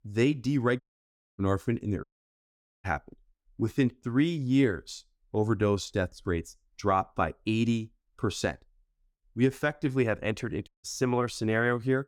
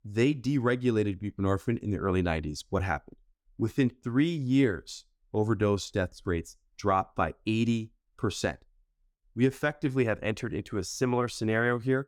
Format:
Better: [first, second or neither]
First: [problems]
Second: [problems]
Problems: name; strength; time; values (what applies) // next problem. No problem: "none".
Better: second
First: audio cutting out; at 1 s for 0.5 s, at 2 s for 1 s and at 11 s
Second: none